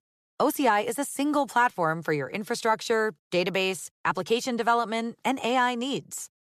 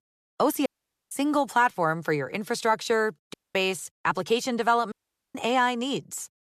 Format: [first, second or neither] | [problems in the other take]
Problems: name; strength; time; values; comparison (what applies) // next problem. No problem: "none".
first | audio cutting out; at 0.5 s, at 3.5 s and at 5 s